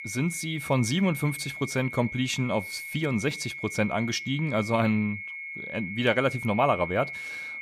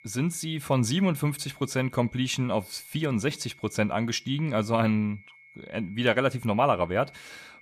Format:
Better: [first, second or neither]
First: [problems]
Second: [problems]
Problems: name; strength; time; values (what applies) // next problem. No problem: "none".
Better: second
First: high-pitched whine; loud; throughout; 2 kHz, 8 dB below the speech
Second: high-pitched whine; faint; throughout; 2 kHz, 25 dB below the speech